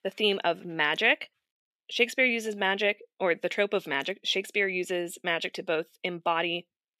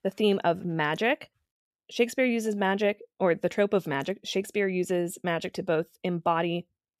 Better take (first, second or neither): second